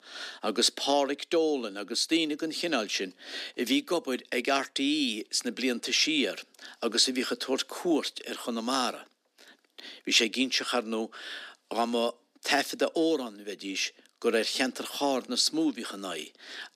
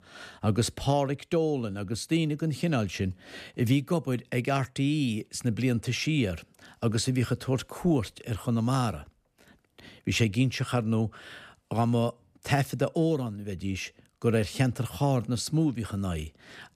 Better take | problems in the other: second | thin; somewhat; fading below 250 Hz

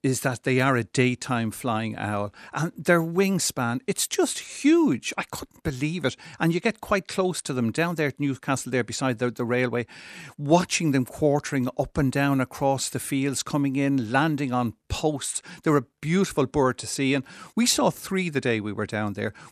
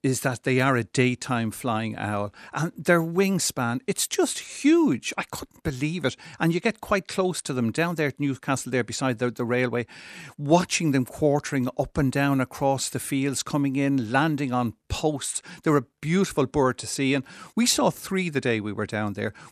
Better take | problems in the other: neither | none

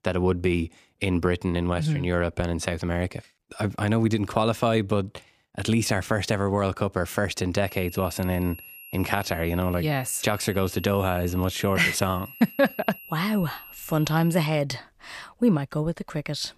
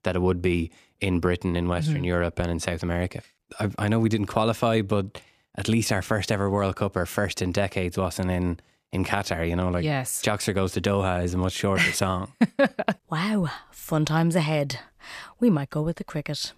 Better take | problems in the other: second | high-pitched whine; noticeable; from 7.5 to 14 s; 11.5 kHz, 15 dB below the speech

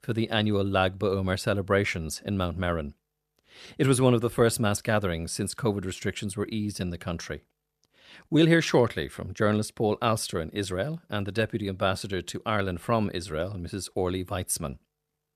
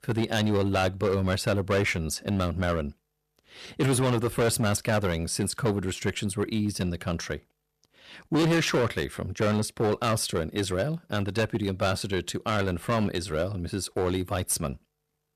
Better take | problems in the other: first | distortion; heavy; 9% of the sound clipped

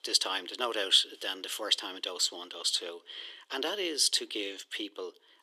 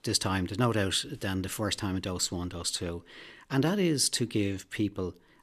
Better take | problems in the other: second | thin; very; fading below 350 Hz

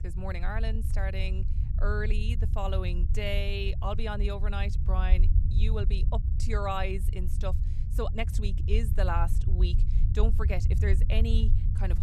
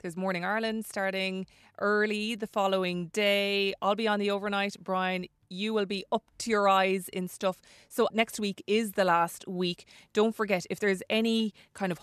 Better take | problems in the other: second | low rumble; noticeable; throughout; 10 dB below the speech

